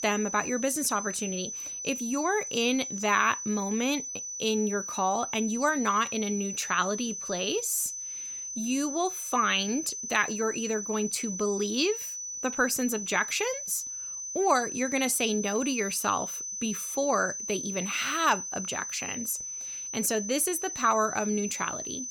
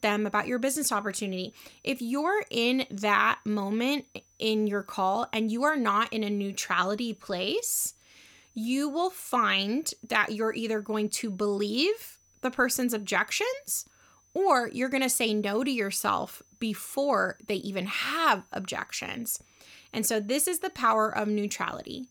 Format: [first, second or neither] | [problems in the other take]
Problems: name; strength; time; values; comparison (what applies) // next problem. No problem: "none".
second | high-pitched whine; loud; throughout; 6 kHz, 5 dB below the speech; faint in the second